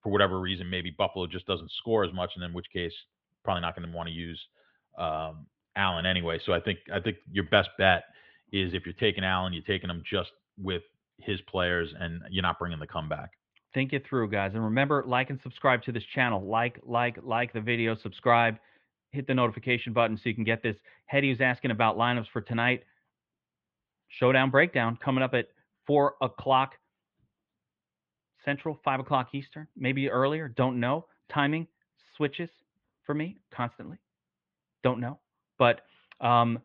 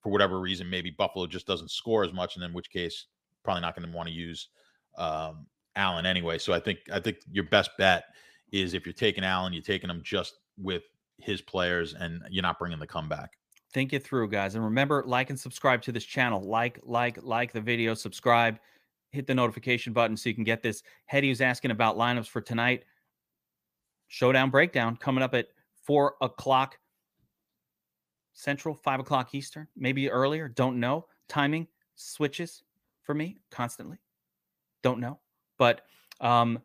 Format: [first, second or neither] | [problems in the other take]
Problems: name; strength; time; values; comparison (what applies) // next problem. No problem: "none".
second | muffled; very; fading above 3.5 kHz